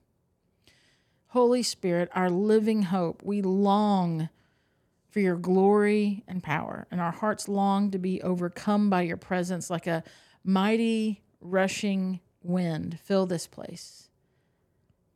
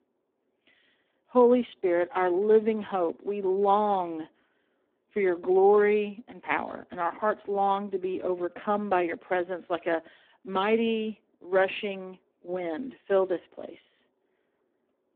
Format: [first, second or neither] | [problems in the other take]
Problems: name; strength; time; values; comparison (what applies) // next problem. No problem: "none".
first | phone-call audio; poor line